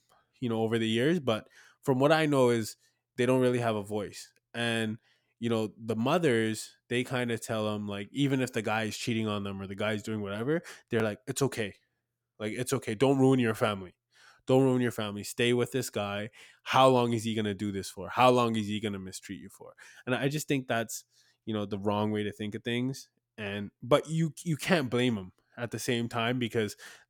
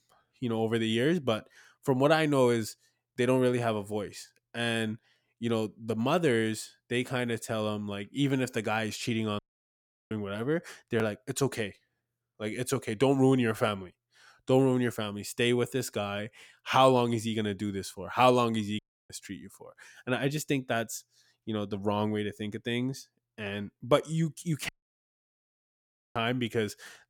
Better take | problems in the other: first | audio cutting out; at 9.5 s for 0.5 s, at 19 s and at 25 s for 1.5 s

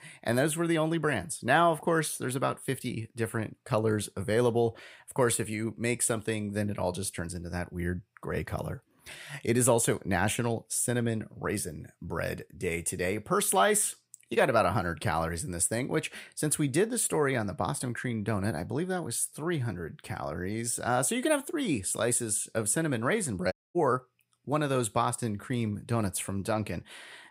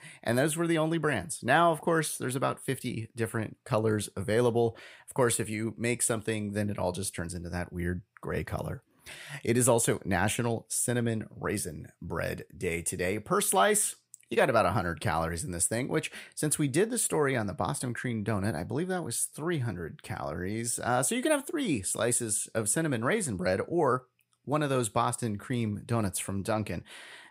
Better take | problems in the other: second | audio cutting out; at 24 s

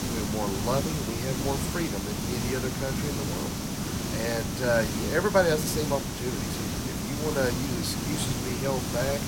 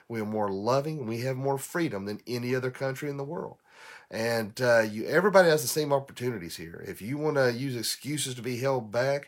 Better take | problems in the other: second | hiss; loud; throughout; as loud as the speech

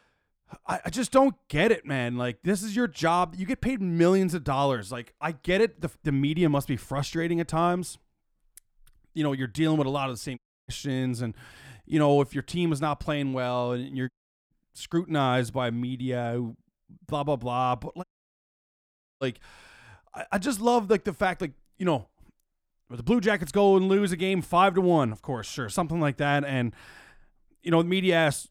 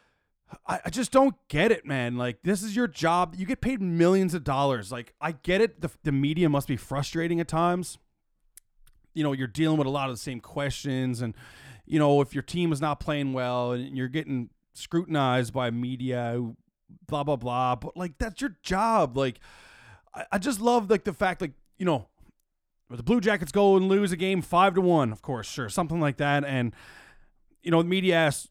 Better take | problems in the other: second | audio cutting out; at 10 s, at 14 s and at 18 s for 1 s

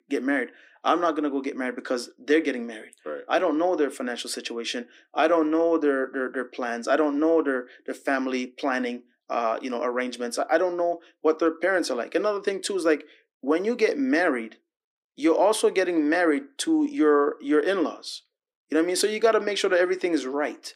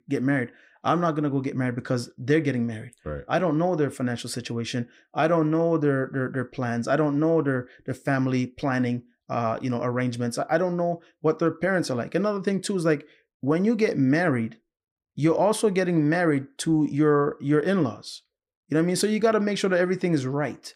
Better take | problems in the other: second | thin; very slightly; fading below 300 Hz

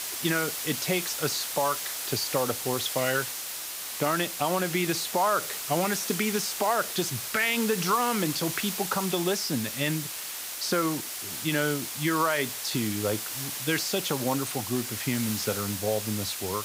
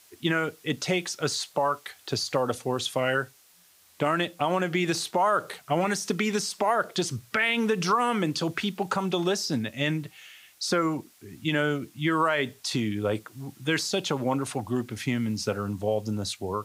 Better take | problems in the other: second | hiss; loud; throughout; 3 dB below the speech; faint in the second

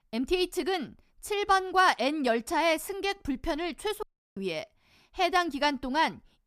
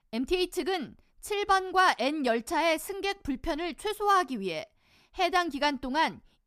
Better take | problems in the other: second | audio cutting out; at 4 s

